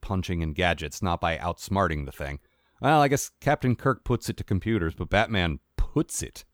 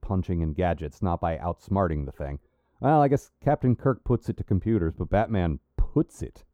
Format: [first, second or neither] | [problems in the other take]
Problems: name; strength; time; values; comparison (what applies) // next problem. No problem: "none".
first | muffled; very; fading above 1.5 kHz